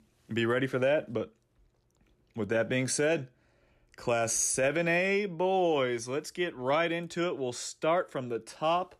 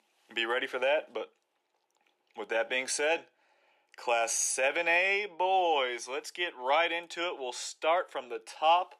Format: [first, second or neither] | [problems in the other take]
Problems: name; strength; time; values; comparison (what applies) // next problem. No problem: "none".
first | thin; very; fading below 400 Hz